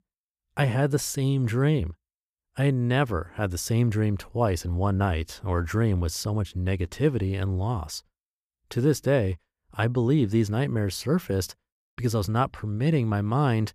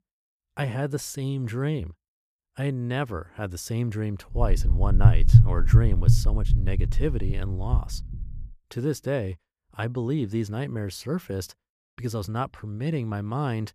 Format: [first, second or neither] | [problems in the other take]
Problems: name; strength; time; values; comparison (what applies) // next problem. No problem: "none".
first | low rumble; loud; from 4.5 to 8.5 s; 3 dB below the speech